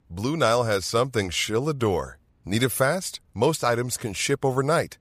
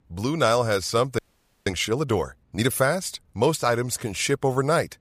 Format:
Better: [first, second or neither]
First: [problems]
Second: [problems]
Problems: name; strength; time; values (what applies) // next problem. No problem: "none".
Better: first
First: none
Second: audio freezing; at 1 s